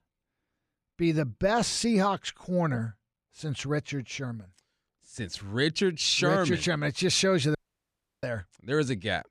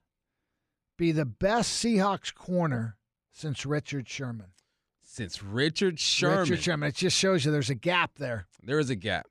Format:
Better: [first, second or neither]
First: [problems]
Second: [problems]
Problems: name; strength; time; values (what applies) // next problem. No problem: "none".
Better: second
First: audio cutting out; at 7.5 s for 0.5 s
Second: none